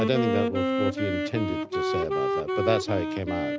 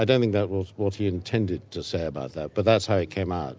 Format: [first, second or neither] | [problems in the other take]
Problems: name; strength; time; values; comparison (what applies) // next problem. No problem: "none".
second | background sound (Wind instrument, woodwind instrument); 2 dB above the speech